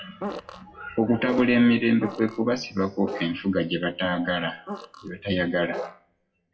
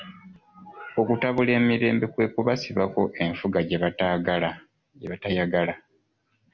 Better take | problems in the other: second | noise reduction (classical method WPE with log-MMSE)

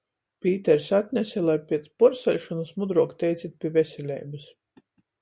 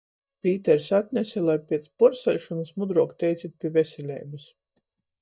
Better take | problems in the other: first | noise reduction (neural mask model DeepFilterNet 3)

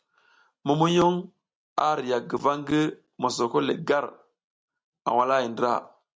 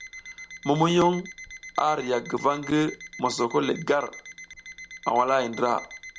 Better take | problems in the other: first | background sound (Alarm); 16 dB below the speech

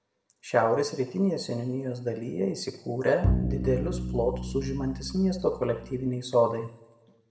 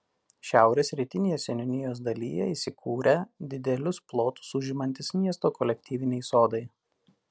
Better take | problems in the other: second | background sound (Bowed string instrument); 2 dB below the speech // room echo; dies away in 0.7 s

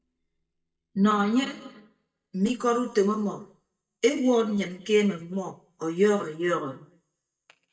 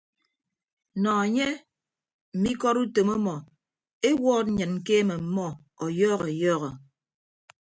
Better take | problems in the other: second | noise reduction (neural mask model DeepFilterNet 3)

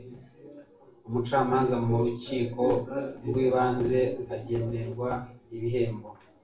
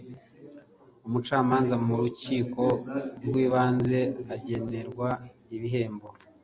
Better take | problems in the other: second | room echo; dies away in 0.3 s

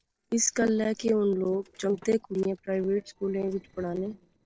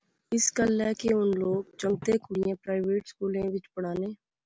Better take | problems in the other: second | noise reduction (neural separator model SepFormer DNS4)

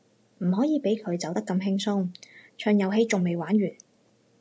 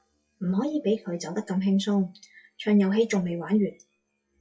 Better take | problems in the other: first | noise reduction (classical method WPE with log-MMSE)

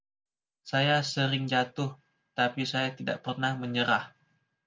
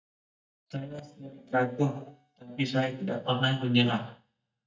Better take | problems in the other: first | noise reduction (neural mask model DeepFilterNet 3)

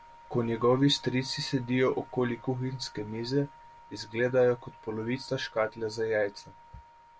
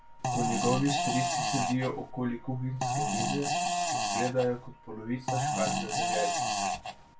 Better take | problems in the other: first | background sound (Fart); 3 dB above the speech // room echo; dies away in 0.2 s

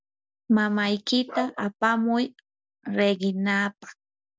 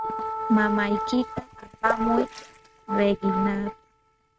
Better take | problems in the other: first | noise reduction (neural mask model RNNoise)

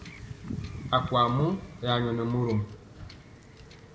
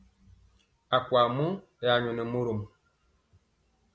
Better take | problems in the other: second | background sound (Wind / Ocean / Boat, Water vehicle); 12 dB below the speech // room echo; dies away in 1.5 s

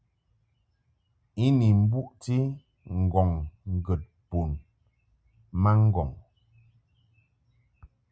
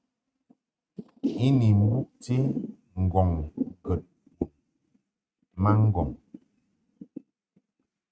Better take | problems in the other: first | noise reduction (neural mask model RNNoise)

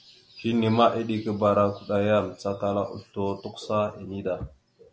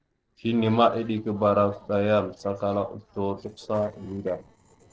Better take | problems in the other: first | noise reduction (neural separator model SepFormer DNS4)

